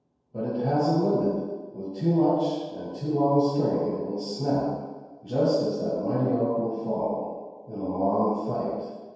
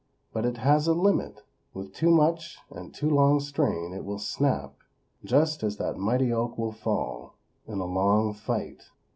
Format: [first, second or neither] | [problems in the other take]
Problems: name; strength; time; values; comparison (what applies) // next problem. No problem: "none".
second | room echo; dies away in 1.2 s